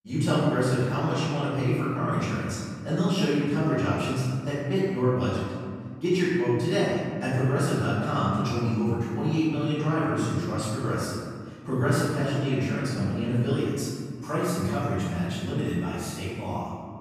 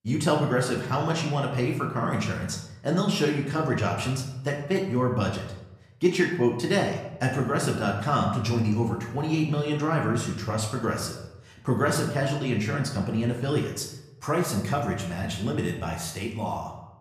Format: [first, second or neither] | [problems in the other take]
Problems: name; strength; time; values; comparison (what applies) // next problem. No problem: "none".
second | room echo; strong; dies away in 1.9 s; slight in the second // off-mic speech; far; somewhat distant in the second